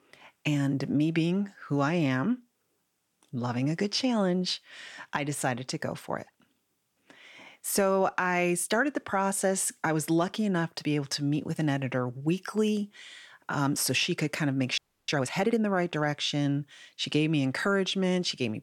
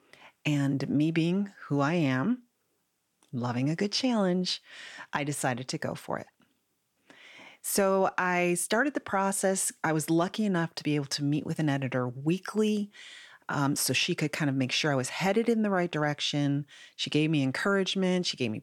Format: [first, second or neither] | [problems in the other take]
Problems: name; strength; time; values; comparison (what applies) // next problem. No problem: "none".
second | audio freezing; at 15 s